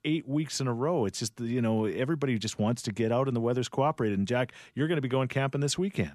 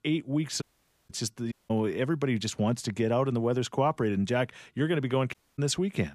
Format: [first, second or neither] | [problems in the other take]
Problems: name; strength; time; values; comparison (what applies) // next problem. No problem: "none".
first | audio cutting out; at 0.5 s, at 1.5 s and at 5.5 s